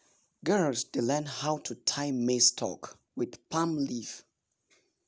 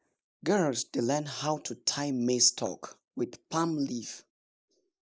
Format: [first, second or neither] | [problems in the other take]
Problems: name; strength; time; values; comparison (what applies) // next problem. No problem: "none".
first | noise reduction (neural mask model Resemble Enhance denoiser)